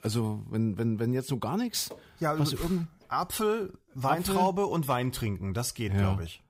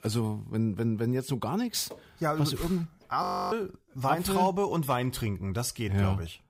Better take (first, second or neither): first